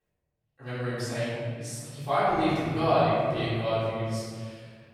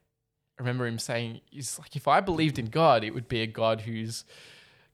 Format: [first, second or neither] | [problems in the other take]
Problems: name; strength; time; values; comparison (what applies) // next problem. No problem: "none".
second | room echo; strong; dies away in 1.9 s // off-mic speech; far